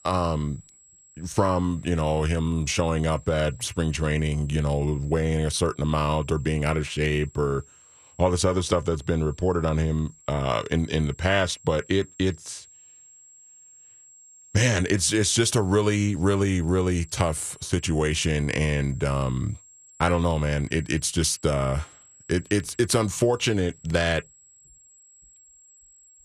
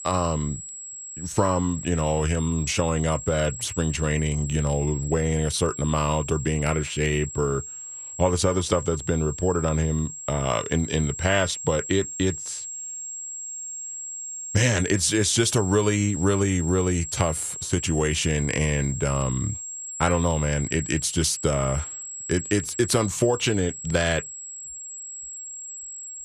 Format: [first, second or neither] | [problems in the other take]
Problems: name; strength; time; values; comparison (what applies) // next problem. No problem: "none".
first | high-pitched whine; loud; throughout; 7.5 kHz, 9 dB below the speech; faint in the first